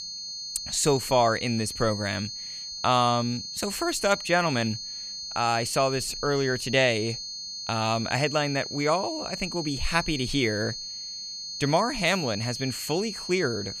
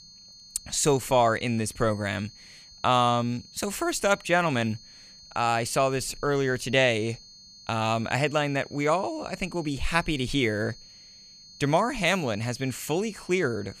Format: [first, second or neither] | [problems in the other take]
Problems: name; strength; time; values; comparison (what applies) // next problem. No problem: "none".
second | high-pitched whine; loud; throughout; 4.5 kHz, 7 dB below the speech; faint in the second